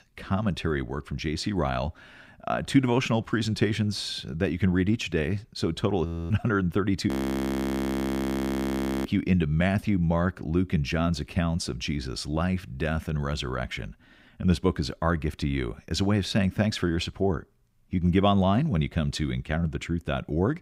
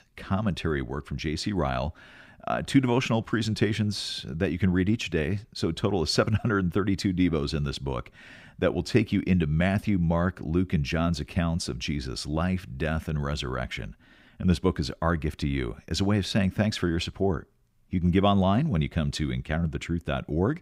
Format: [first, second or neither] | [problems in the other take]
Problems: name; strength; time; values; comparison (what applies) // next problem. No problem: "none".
second | audio freezing; at 6 s and at 7 s for 2 s